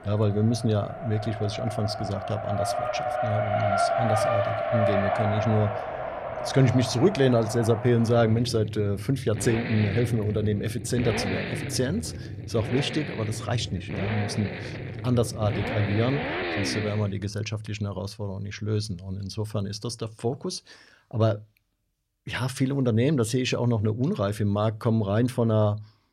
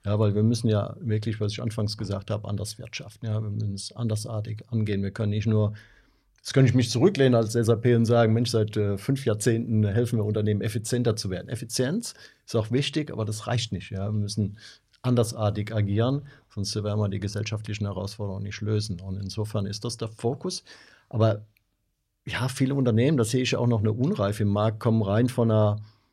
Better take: second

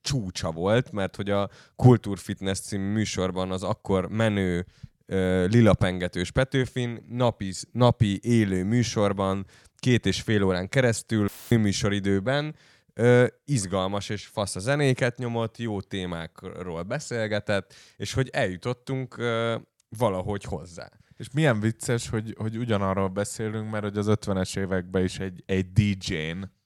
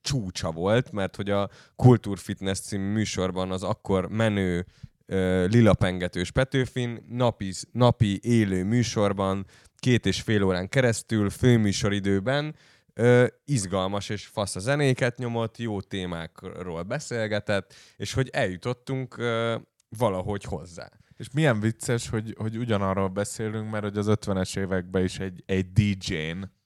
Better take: second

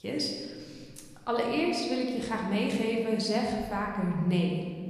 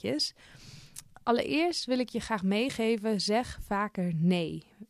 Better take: second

